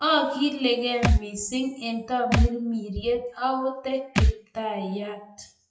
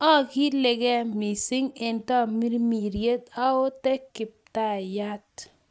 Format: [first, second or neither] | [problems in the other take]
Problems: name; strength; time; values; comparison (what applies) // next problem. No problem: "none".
second | noise reduction (classical method WPE with log-MMSE)